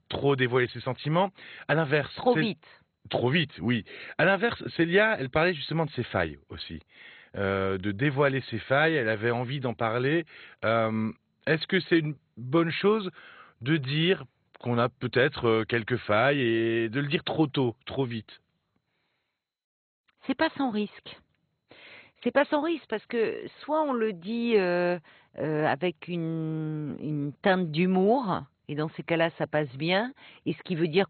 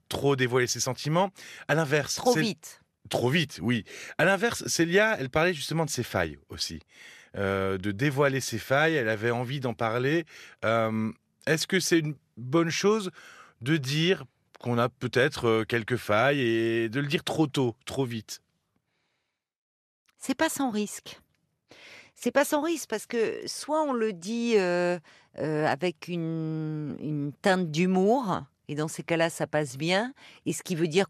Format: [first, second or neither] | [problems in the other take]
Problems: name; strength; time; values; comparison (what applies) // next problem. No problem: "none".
second | garbled, watery; badly; nothing above 4 kHz